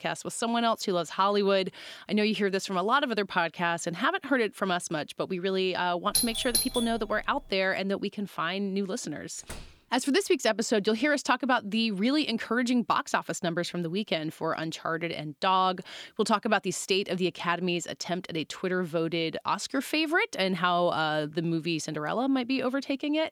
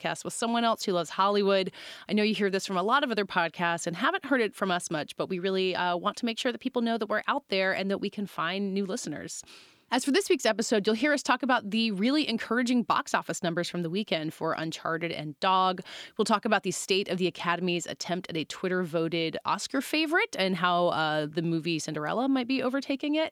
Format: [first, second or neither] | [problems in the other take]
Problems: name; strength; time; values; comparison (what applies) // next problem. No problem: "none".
second | doorbell; loud; at 6 s; peak 1 dB above the speech // door banging; faint; at 9.5 s; peak 15 dB below the speech